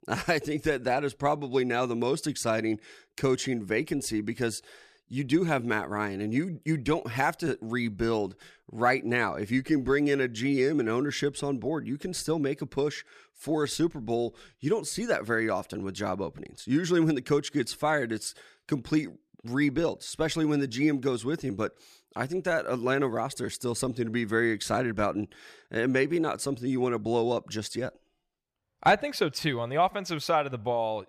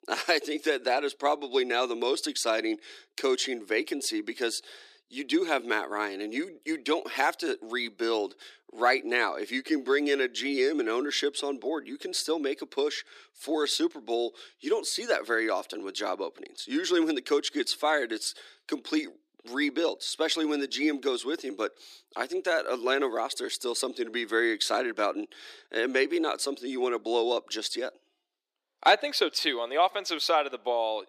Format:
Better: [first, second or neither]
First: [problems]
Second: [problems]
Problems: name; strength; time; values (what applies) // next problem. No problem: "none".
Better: first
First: none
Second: thin; somewhat; fading below 300 Hz